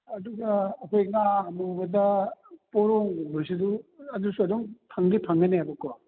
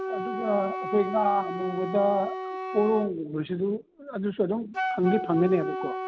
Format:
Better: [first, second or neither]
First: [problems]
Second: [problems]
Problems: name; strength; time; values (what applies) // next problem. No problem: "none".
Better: first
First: none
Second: background sound (Wind instrument, woodwind instrument); 6 dB below the speech